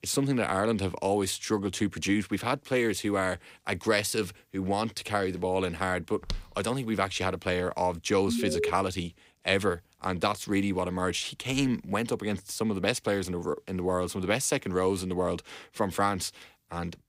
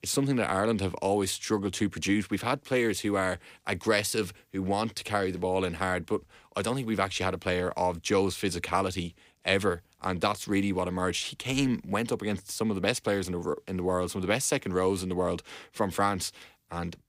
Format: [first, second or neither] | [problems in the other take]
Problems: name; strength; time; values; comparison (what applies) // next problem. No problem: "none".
second | footsteps; faint; at 6 s; peak 10 dB below the speech // alarm; noticeable; at 8.5 s; peak 1 dB below the speech